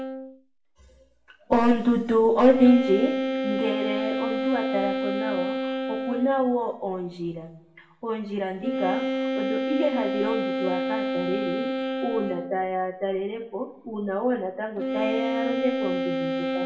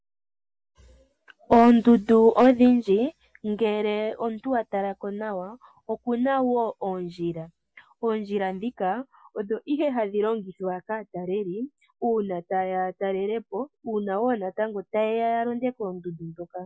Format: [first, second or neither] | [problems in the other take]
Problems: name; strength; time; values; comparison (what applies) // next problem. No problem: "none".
second | background sound (Wind instrument, woodwind instrument); 3 dB below the speech // room echo; dies away in 0.6 s